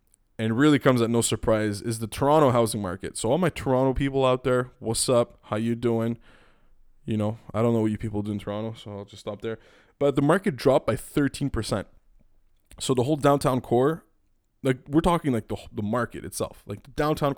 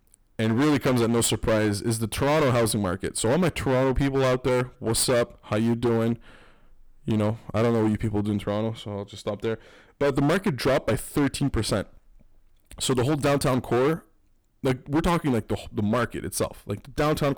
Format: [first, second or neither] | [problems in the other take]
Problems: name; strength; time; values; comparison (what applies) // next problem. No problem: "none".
first | distortion; heavy; 17% of the sound clipped